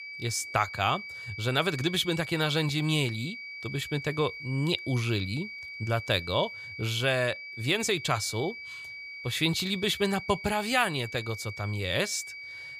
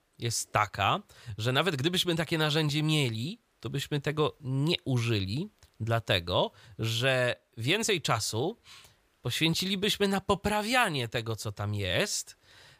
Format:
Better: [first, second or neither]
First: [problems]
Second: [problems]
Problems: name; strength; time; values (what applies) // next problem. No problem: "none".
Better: second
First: high-pitched whine; loud; throughout; 2.5 kHz, 10 dB below the speech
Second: none